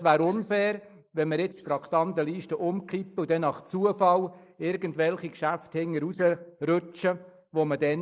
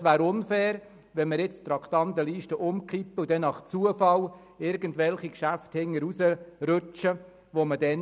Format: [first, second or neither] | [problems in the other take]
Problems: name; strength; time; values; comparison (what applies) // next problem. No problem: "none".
second | noise reduction (neural mask model Resemble Enhance denoiser)